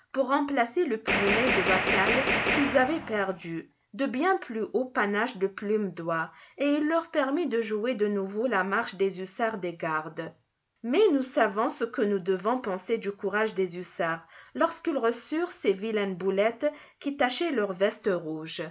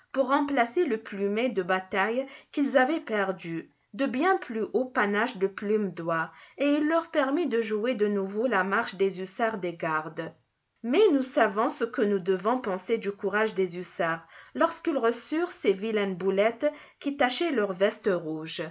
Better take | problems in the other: second | background sound (Gunshot, gunfire); 1 dB above the speech

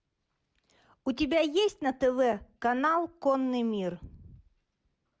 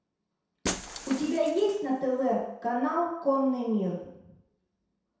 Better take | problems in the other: first | background sound (Shatter); 13 dB below the speech // room echo; dies away in 0.7 s

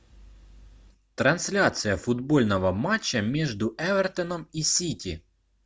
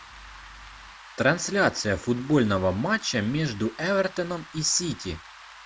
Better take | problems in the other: first | background sound (Rain); 19 dB below the speech

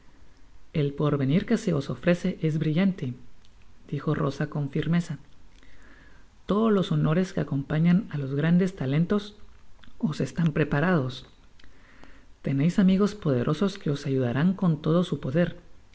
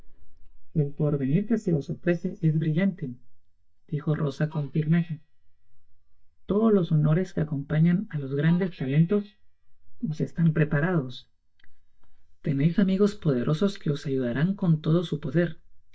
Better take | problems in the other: first | noise reduction (neural mask model DeepFilterNet 3)

